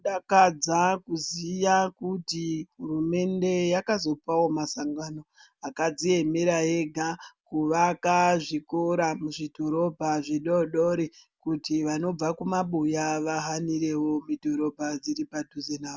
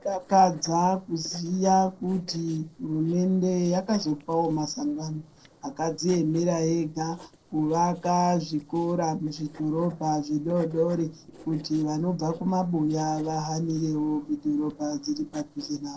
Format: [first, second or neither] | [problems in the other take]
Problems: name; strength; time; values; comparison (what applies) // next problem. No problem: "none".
first | noise reduction (neural separator model SepFormer DNS4)